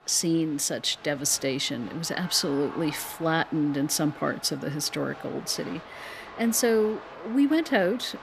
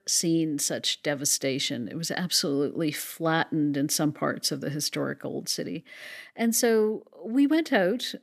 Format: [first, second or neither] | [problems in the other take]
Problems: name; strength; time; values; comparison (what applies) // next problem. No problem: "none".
second | crowd noise; noticeable; throughout; 15 dB below the speech